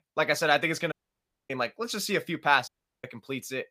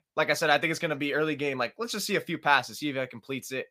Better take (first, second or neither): second